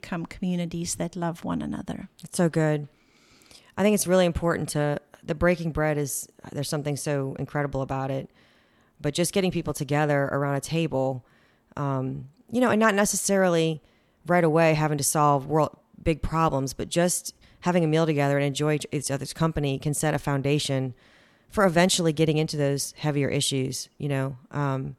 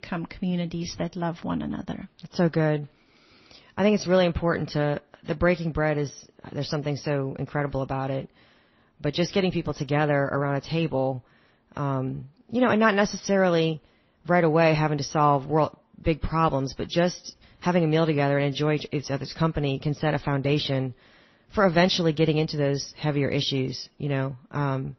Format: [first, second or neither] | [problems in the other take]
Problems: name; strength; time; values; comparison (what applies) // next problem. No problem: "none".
first | garbled, watery; slightly; nothing above 6 kHz